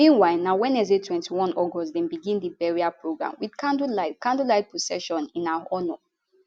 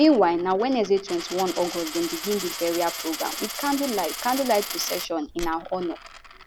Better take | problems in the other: first | background sound (Coin (dropping)); 10 dB below the speech

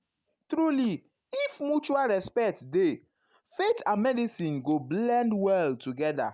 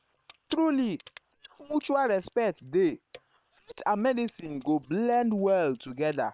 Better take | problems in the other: first | noise reduction (neural separator model SepFormer WHAM!)

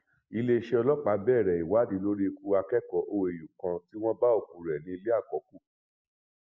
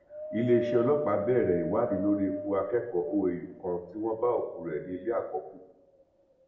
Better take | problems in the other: first | background sound (Wind); 9 dB below the speech // room echo; dies away in 0.7 s

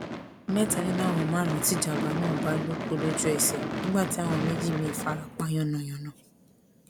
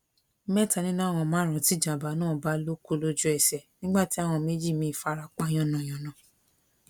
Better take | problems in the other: second | background sound (Gunshot, gunfire / Fireworks); 4 dB below the speech

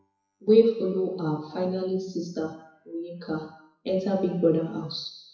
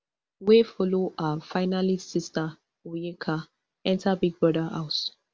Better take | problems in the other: second | noise reduction (classical method WPE with log-MMSE)

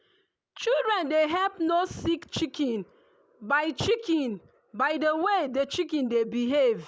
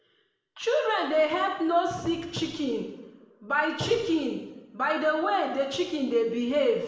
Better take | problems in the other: first | room echo; dies away in 0.9 s

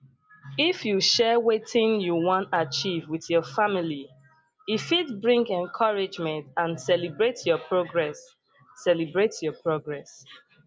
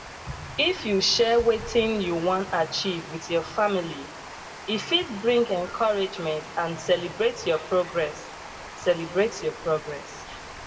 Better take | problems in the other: first | background sound (Water); 14 dB below the speech // room echo; dies away in 0.9 s

